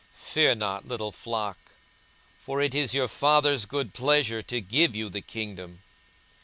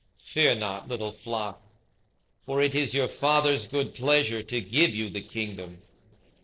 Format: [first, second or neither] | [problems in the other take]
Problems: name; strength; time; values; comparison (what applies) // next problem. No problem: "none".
first | noise reduction (neural separator model SepFormer DNS4)